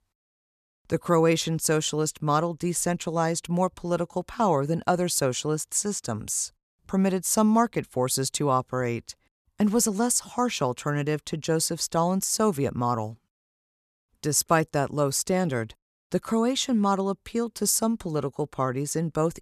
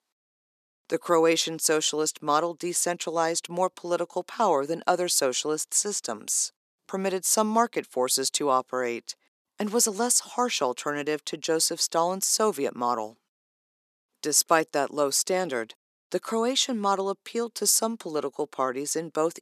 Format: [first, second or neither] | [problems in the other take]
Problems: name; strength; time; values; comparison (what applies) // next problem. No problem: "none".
first | thin; somewhat; fading below 300 Hz